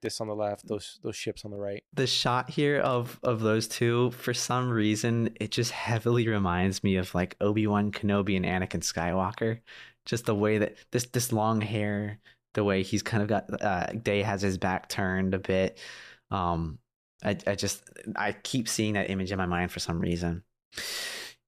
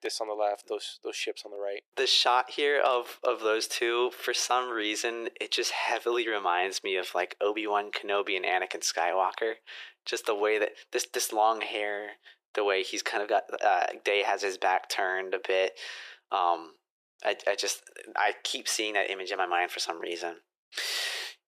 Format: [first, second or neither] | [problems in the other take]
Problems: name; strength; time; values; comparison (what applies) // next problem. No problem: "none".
first | thin; very; fading below 350 Hz